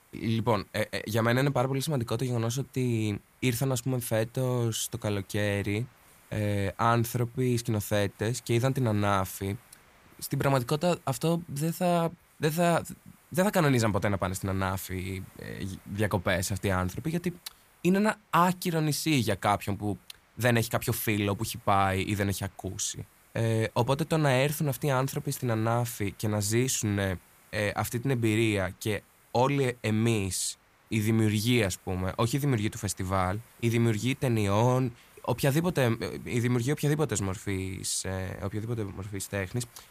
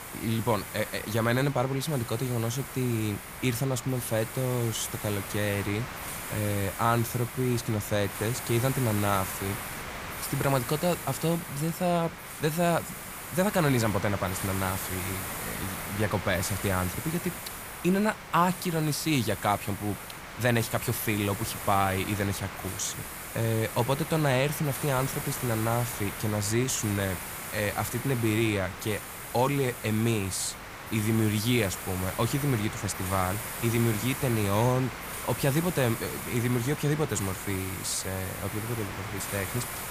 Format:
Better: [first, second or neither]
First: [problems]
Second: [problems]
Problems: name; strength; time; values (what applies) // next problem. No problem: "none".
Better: first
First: hiss; faint; throughout; 30 dB below the speech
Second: hiss; loud; throughout; 7 dB below the speech